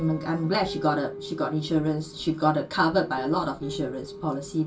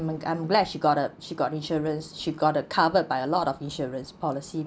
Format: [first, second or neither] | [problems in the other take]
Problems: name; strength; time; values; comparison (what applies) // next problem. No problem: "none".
second | background sound (Guitar); 14 dB below the speech // room echo; dies away in 0.2 s